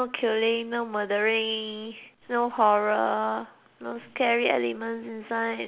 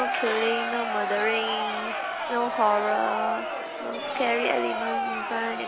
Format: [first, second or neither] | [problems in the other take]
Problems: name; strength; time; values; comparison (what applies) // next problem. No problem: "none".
first | background sound (Crowd); 1 dB below the speech